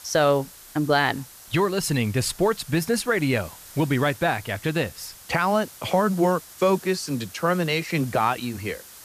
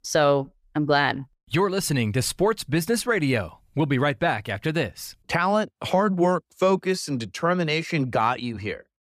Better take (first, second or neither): second